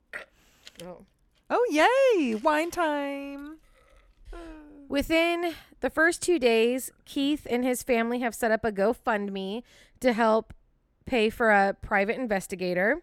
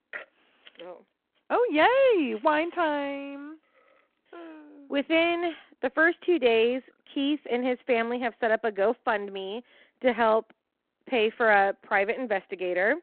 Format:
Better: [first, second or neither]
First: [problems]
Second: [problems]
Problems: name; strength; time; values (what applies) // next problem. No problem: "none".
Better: first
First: none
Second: phone-call audio